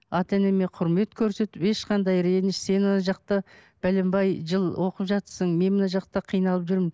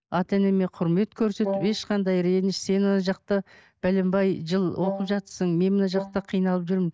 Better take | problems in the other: first | noise reduction (neural mask model DeepFilterNet 3)

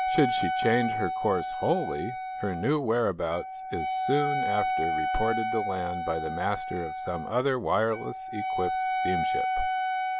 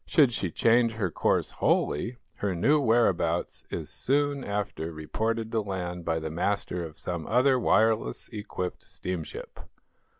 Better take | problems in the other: second | background sound (Wind instrument, woodwind instrument); as loud as the speech

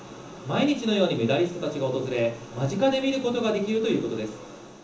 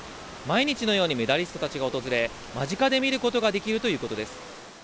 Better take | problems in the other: second | room echo; dies away in 0.7 s

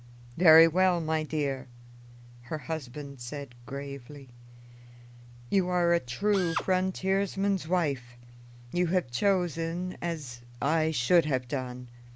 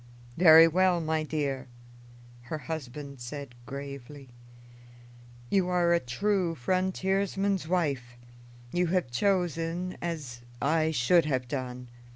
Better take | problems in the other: second | background sound (Drill); 8 dB below the speech

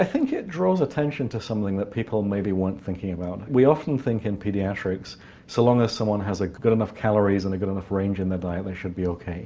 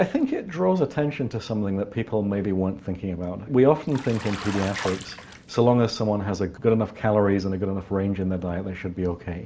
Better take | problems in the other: first | background sound (Bathtub (filling or washing)); 14 dB below the speech

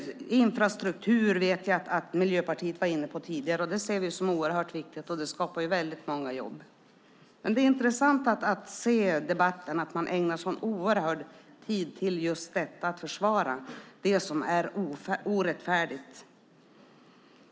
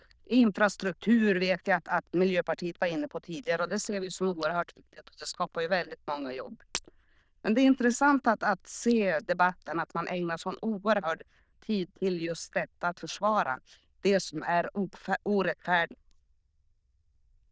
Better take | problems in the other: first | noise reduction (neural diffusion model UNIVERSE++)

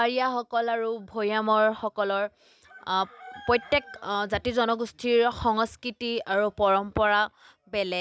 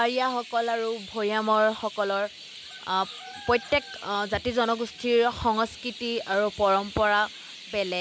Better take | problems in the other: first | background sound (Chirp, tweet); 16 dB below the speech

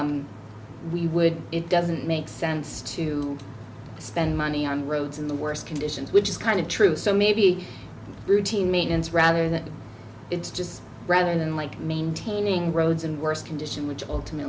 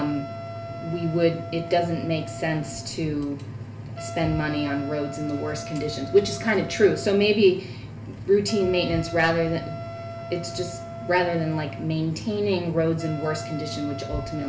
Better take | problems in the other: first | background sound (Wind instrument, woodwind instrument); 13 dB below the speech // room echo; dies away in 0.4 s

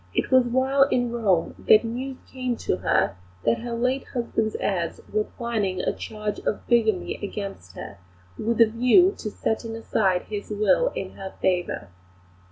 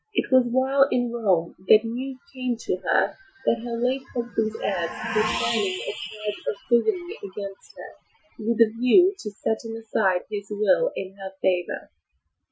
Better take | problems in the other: first | noise reduction (classical method Wiener filter)

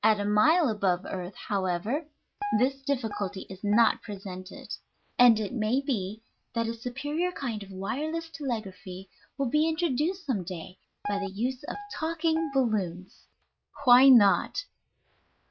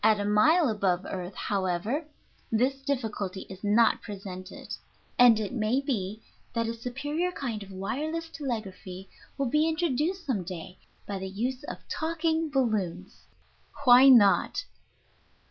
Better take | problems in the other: second | noise reduction (neural mask model RNNoise)

